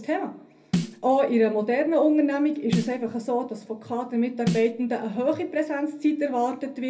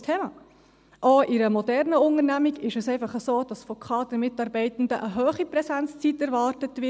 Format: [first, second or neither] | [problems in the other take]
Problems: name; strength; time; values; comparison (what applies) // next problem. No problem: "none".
second | background sound (Snare drum); 7 dB below the speech // room echo; dies away in 0.3 s